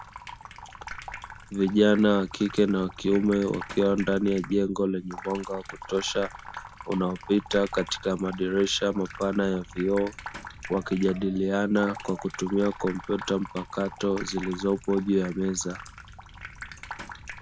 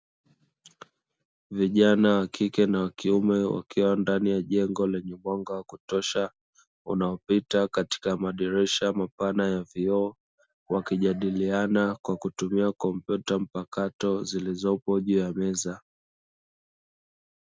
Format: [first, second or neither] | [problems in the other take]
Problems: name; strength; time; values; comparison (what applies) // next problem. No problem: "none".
second | background sound (Sink (filling or washing) / Water tap, faucet); 15 dB below the speech